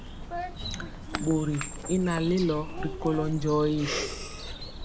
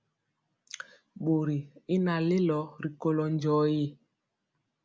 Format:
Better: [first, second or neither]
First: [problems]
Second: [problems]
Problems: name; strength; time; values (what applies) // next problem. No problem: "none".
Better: second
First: background sound (Bird vocalization, bird call, bird song); 6 dB below the speech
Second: none